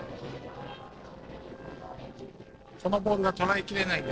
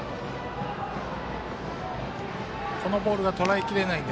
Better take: second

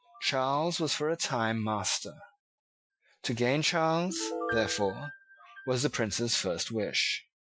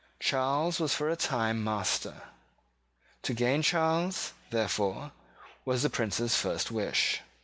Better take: second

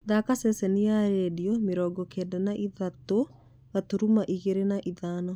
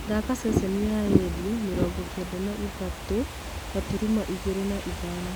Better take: first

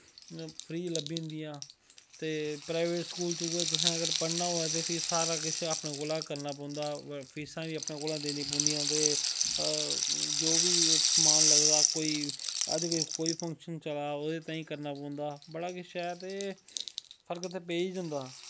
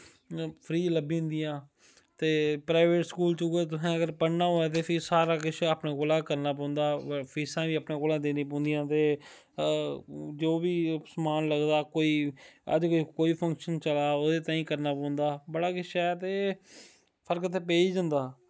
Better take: second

